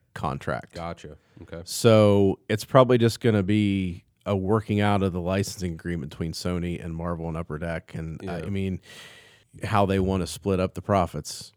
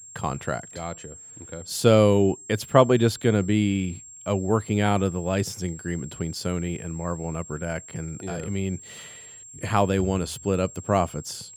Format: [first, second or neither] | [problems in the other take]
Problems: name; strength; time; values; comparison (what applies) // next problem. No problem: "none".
first | high-pitched whine; noticeable; throughout; 7.5 kHz, 15 dB below the speech